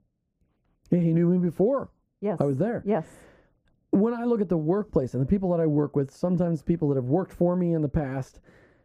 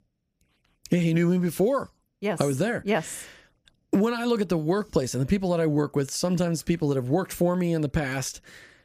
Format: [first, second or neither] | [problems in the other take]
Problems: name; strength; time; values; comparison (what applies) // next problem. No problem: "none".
second | muffled; very; fading above 1.5 kHz